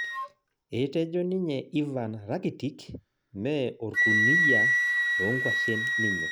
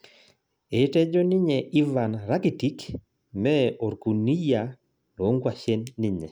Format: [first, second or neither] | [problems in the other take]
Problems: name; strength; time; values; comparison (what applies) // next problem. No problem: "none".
second | background sound (Wind instrument, woodwind instrument); 3 dB above the speech